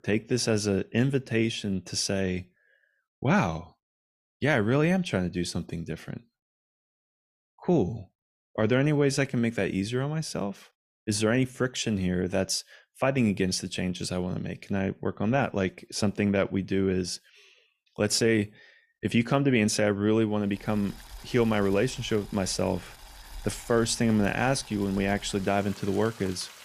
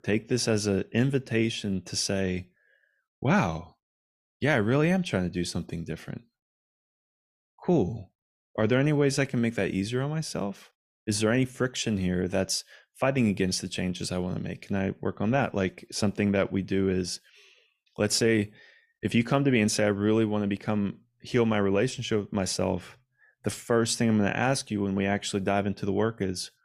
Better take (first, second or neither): second